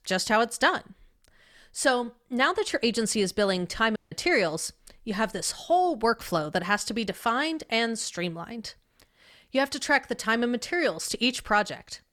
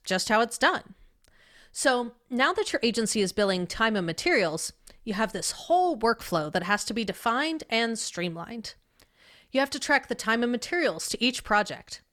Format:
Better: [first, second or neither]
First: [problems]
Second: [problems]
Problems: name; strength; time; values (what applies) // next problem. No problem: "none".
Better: second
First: audio cutting out; at 4 s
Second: none